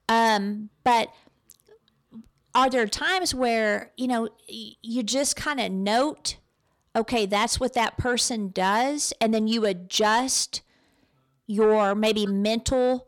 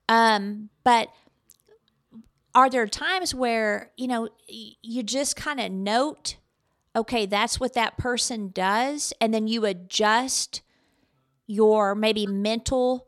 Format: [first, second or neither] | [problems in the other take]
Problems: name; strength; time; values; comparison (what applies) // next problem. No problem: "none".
second | distortion; slight; 10 dB below the speech